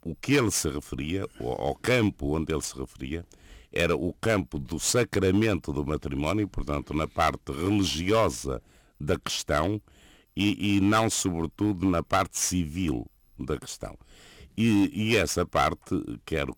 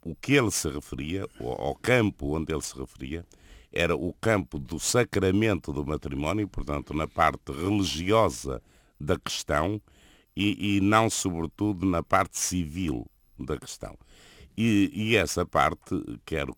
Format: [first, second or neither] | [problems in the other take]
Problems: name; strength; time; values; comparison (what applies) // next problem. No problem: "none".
second | distortion; slight; 3% of the sound clipped